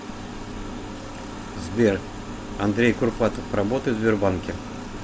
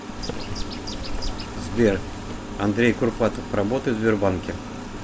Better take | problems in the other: first | background sound (Bird); 6 dB below the speech

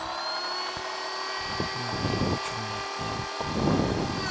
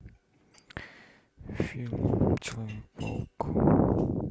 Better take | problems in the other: second | background sound (Domestic sounds, home sounds); as loud as the speech

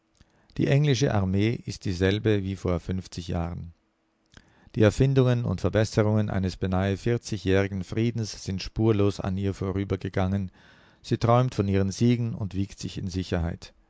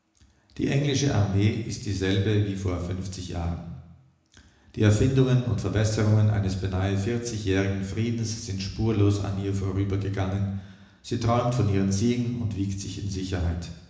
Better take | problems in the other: first | room echo; dies away in 1 s

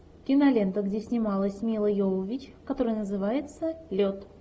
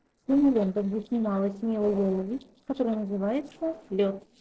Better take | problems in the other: first | noise reduction (neural separator model SepFormer DNS4)

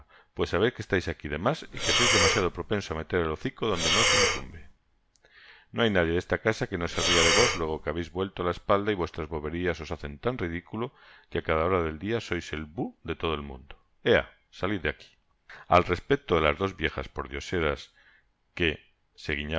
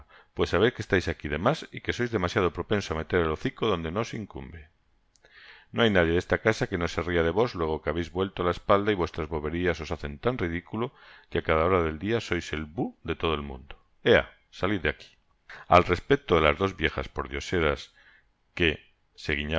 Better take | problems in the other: second | background sound (Breathing); 3 dB above the speech

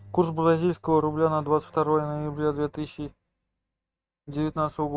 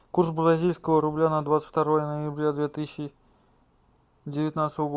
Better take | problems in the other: second | noise reduction (neural mask model RNNoise)

